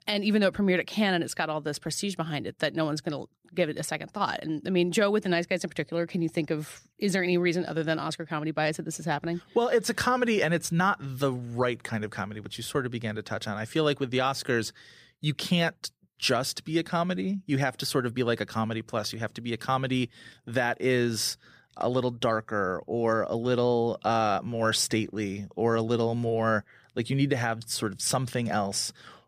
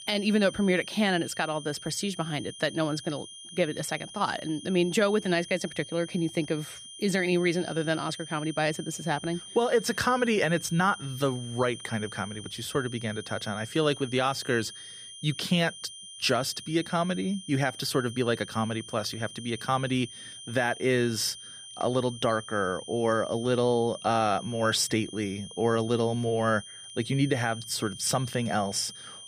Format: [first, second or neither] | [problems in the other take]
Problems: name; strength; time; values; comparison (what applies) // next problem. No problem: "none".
first | high-pitched whine; noticeable; throughout; 3 kHz, 15 dB below the speech